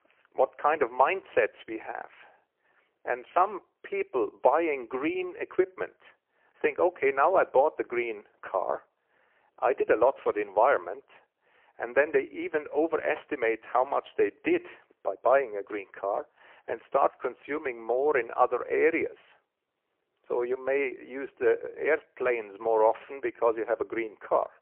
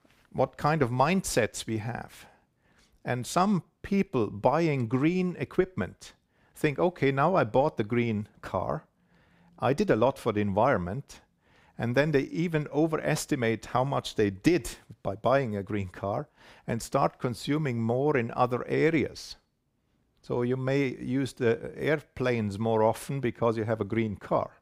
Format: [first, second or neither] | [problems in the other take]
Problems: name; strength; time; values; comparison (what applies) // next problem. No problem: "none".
second | phone-call audio; poor line